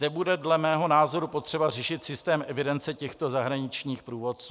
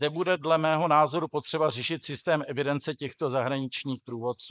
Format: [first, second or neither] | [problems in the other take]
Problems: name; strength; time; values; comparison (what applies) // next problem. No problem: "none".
first | noise reduction (neural mask model Resemble Enhance denoiser)